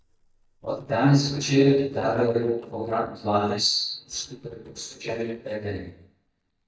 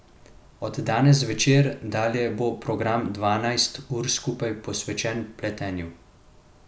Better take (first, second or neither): second